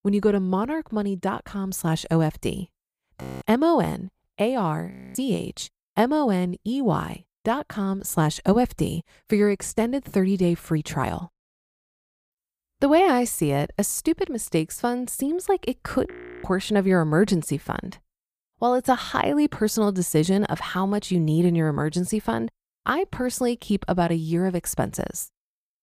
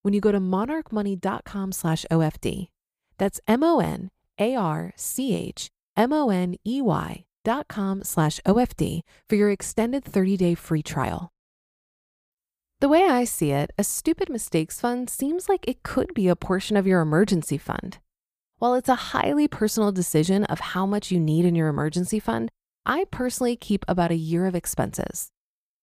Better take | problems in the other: second | audio freezing; at 3 s, at 5 s and at 16 s

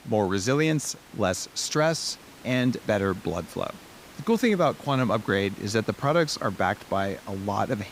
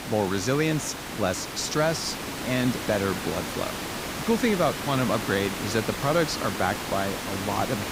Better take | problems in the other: first | hiss; loud; throughout; 5 dB below the speech; faint in the first

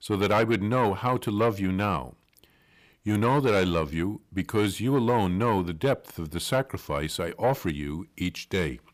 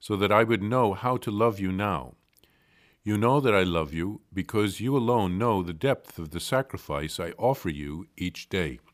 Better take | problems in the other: second | distortion; slight; 10 dB below the speech

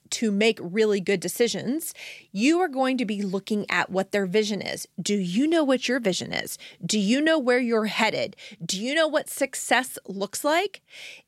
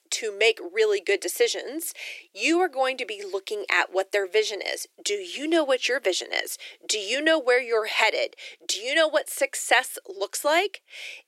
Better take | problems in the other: first | thin; very; fading below 350 Hz

